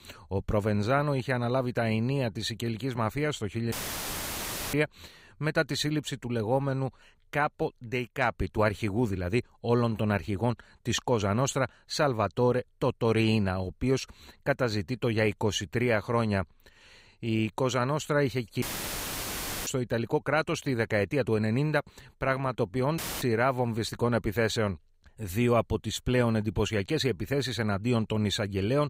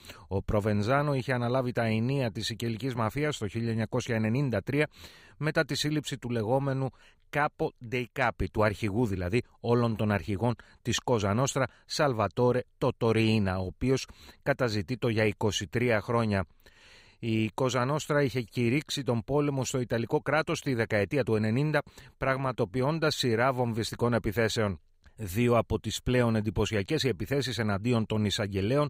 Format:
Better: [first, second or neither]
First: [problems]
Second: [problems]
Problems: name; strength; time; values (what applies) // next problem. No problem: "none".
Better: second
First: audio cutting out; filled with static; at 3.5 s for 1 s, at 19 s for 1 s and at 23 s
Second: none